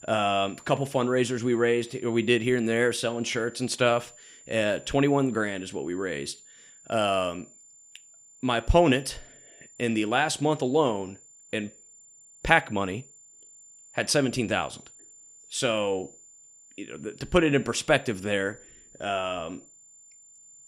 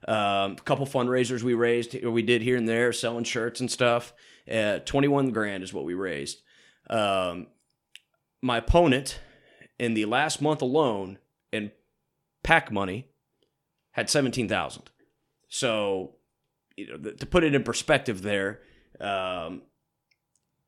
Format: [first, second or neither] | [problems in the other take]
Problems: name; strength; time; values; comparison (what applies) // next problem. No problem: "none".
second | high-pitched whine; faint; throughout; 7 kHz, 25 dB below the speech